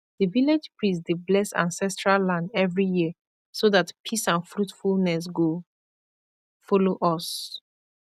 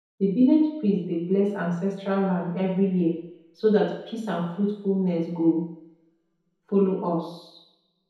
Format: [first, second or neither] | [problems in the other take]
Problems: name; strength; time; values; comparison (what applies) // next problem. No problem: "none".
first | room echo; dies away in 1.9 s